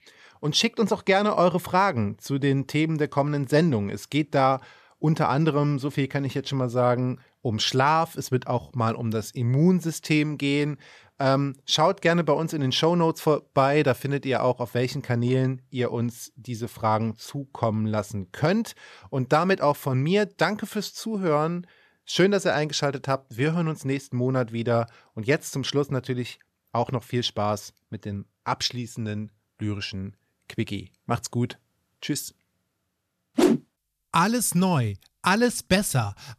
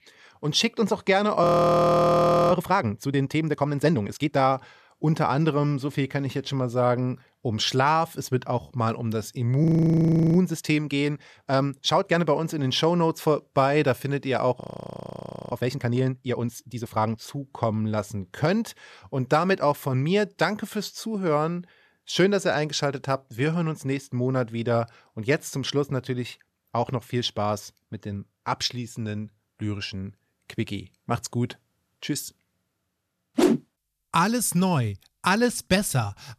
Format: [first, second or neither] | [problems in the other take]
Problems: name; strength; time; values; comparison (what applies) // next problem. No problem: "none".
first | audio freezing; at 1.5 s for 1 s, at 9.5 s for 0.5 s and at 15 s for 1 s